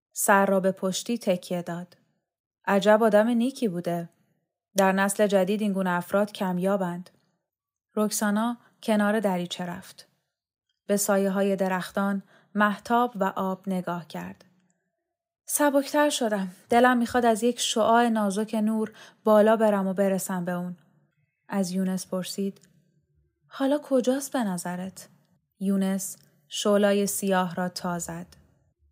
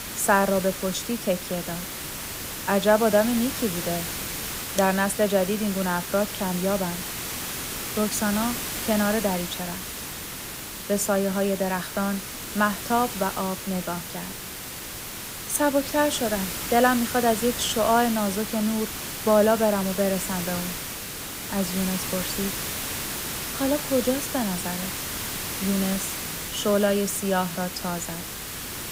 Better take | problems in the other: first | hiss; loud; throughout; 5 dB below the speech

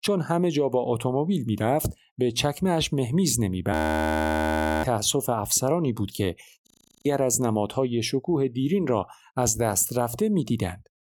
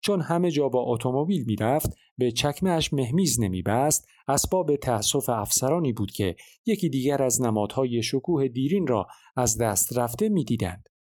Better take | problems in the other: second | audio freezing; at 3.5 s for 1 s and at 6.5 s

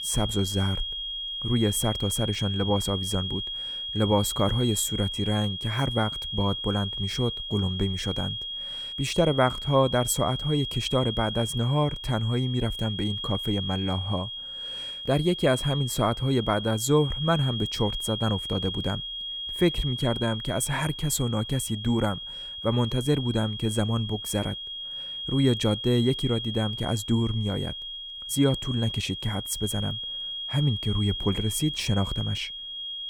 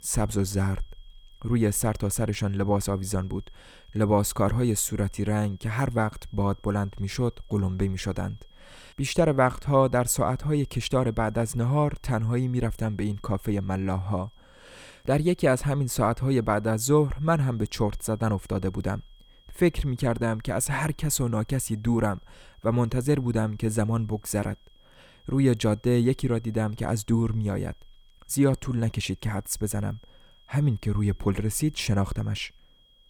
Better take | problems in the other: second | high-pitched whine; loud; throughout; 3.5 kHz, 5 dB below the speech; faint in the second

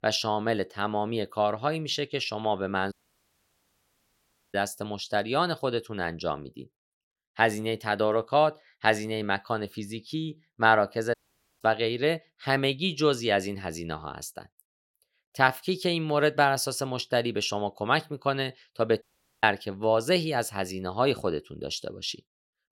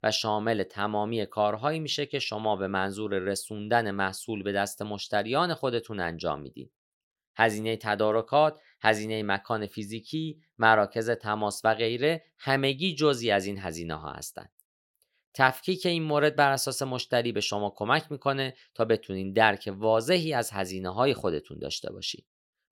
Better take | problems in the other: second | audio cutting out; at 3 s for 1.5 s, at 11 s and at 19 s

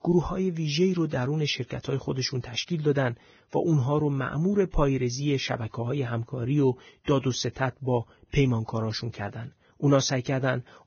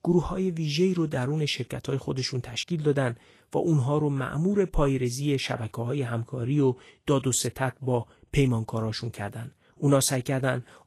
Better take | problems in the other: second | garbled, watery; badly; nothing above 6.5 kHz; slightly in the second

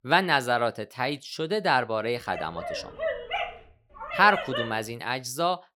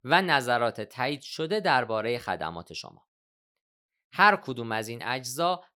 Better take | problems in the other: second | dog barking; noticeable; from 2.5 to 4.5 s; peak 4 dB below the speech

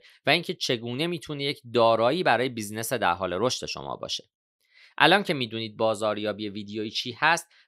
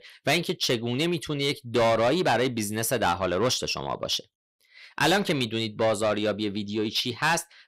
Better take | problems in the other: first | distortion; heavy; 6 dB below the speech

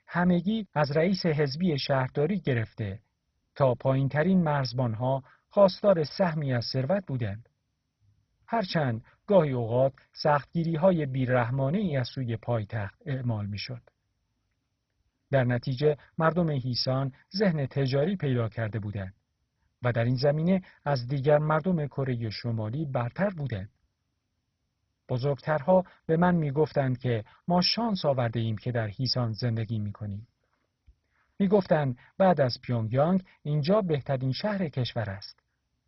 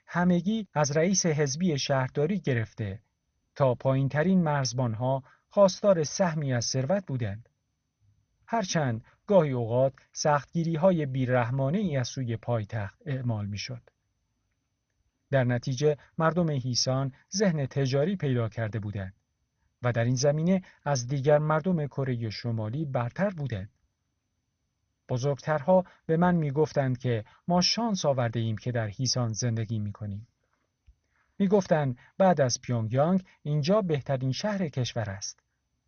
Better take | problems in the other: second | garbled, watery; badly; nothing above 5.5 kHz; slightly in the second

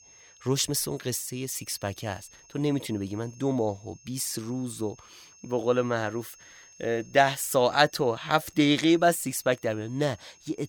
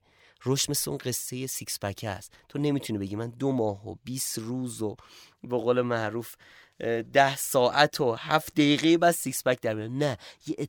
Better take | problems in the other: second | high-pitched whine; faint; throughout; 6.5 kHz, 25 dB below the speech

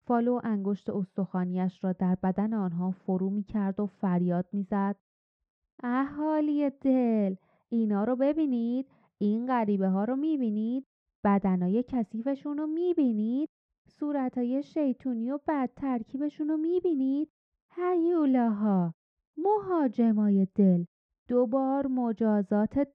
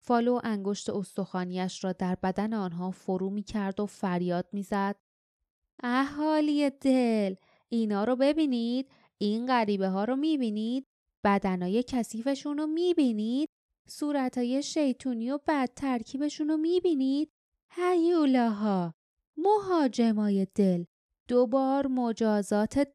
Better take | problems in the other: second | muffled; very; fading above 1.5 kHz

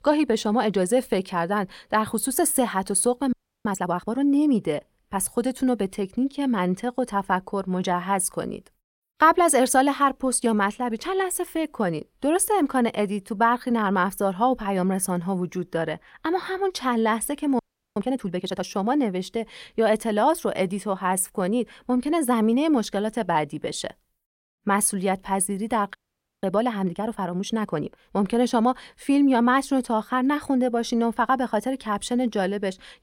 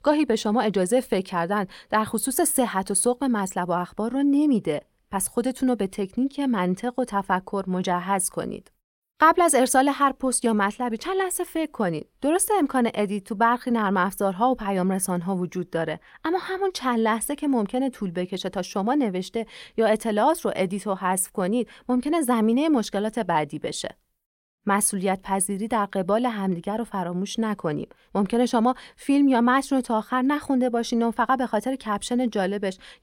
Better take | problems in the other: second | audio freezing; at 3.5 s, at 18 s and at 26 s

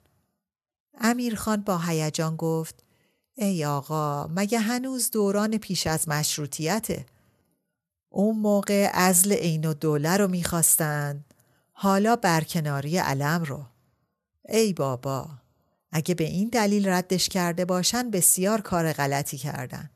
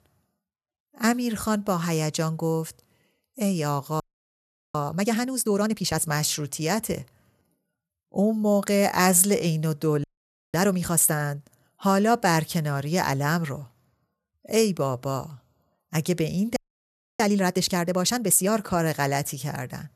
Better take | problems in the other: first | audio freezing; at 4 s for 0.5 s, at 10 s for 0.5 s and at 17 s for 0.5 s

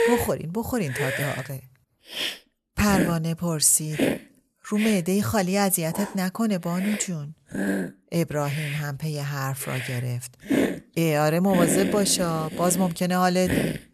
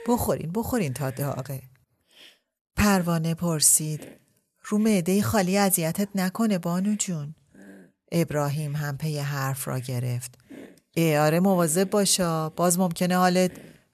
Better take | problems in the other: second | hiss; loud; throughout; 5 dB below the speech; faint in the second

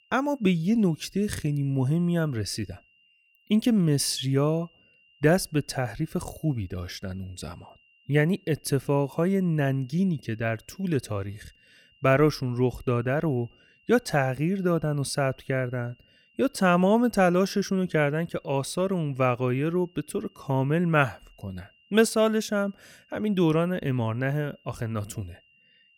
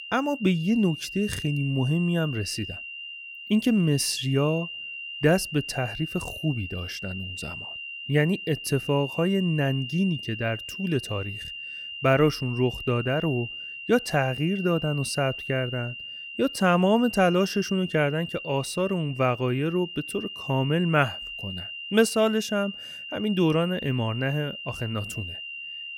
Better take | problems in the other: first | high-pitched whine; loud; throughout; 3 kHz, 9 dB below the speech; faint in the first

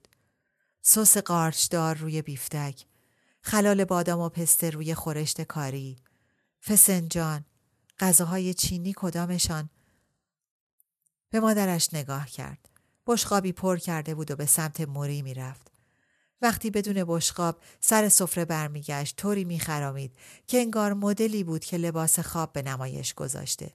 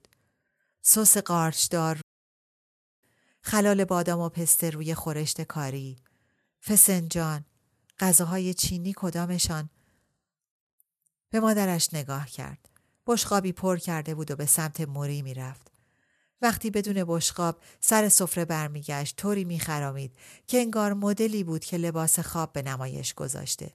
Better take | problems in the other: first | audio cutting out; at 2 s for 1 s

